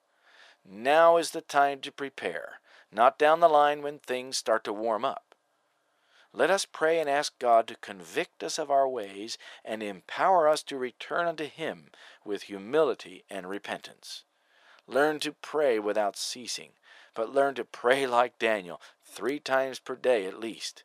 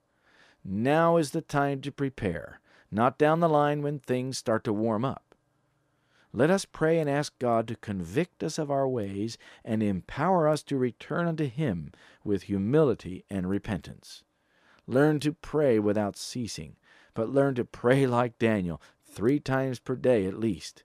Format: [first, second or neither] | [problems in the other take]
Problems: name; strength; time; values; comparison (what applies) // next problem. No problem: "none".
second | thin; very; fading below 550 Hz